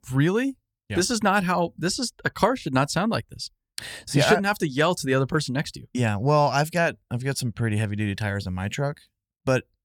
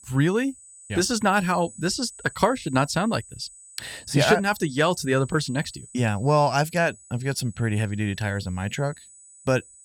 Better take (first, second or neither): first